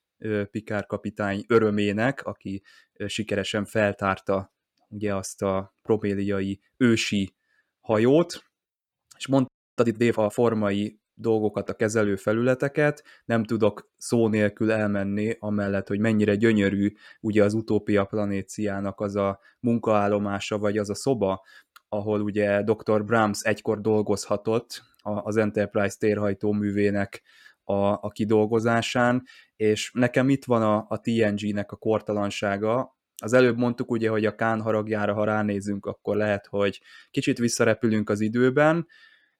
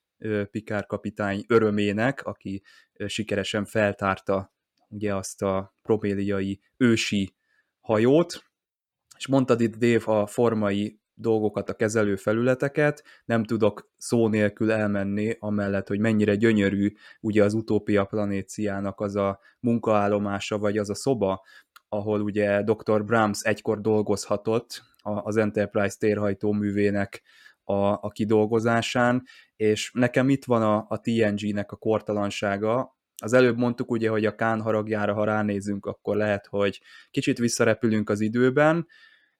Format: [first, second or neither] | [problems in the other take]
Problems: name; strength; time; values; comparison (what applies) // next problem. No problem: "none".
second | audio freezing; at 9.5 s